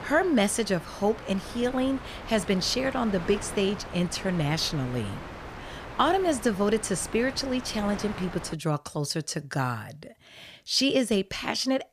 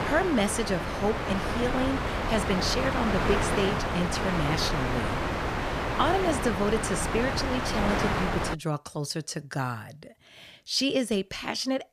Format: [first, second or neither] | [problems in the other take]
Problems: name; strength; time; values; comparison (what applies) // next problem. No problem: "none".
first | wind noise on the microphone; heavy; until 8.5 s; 1 dB above the speech; occasional gusts in the first